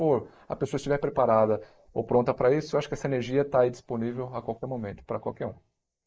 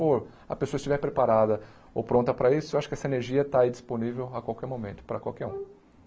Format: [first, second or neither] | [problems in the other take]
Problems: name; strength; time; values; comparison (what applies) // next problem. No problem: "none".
second | noise reduction (neural mask model Resemble Enhance denoiser)